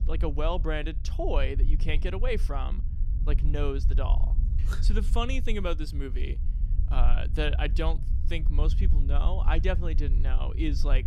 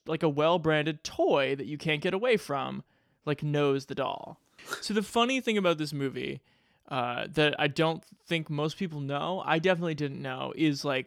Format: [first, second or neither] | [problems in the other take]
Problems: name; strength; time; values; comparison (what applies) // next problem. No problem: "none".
second | low rumble; noticeable; throughout; 15 dB below the speech